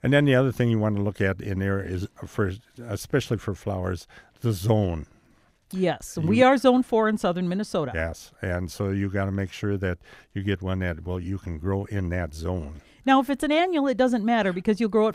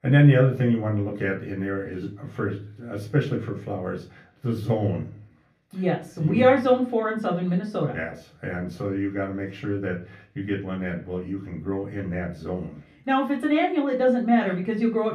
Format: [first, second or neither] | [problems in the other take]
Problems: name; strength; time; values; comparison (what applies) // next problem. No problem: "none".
first | room echo; slight; dies away in 0.4 s // off-mic speech; far